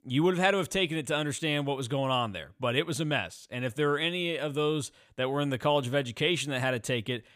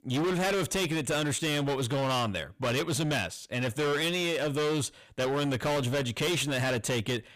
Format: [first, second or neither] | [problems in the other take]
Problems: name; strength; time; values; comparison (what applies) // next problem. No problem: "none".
first | distortion; heavy; 30% of the sound clipped